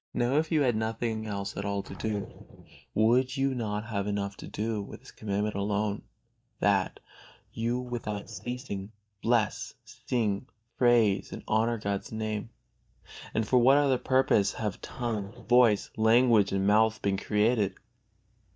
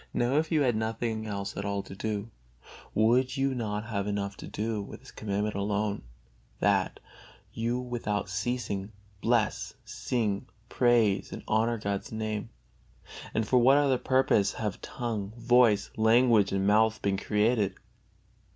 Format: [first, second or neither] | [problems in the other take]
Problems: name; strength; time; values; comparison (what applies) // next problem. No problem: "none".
second | noise reduction (neural mask model DeepFilterNet 3)